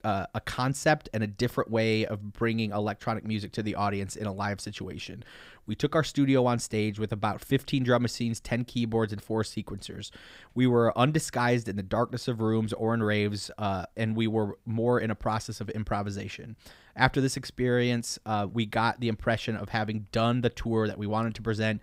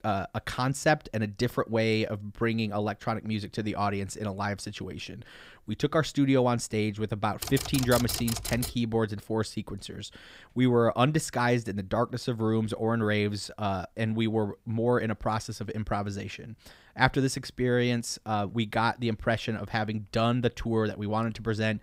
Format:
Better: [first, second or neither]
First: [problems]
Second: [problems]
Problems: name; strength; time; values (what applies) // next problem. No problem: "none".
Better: first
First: none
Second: keyboard typing; noticeable; from 7.5 to 8.5 s; peak 2 dB below the speech